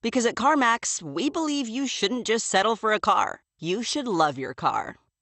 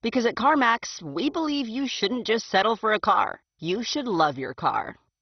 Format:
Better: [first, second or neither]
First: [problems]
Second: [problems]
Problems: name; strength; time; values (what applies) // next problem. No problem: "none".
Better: first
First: garbled, watery; slightly; nothing above 8 kHz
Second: garbled, watery; badly; nothing above 6 kHz